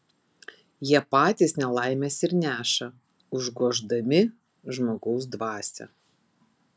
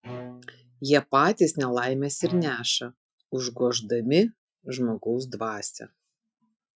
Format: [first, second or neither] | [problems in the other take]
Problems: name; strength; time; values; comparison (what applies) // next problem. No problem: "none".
first | noise reduction (classical method Wiener filter)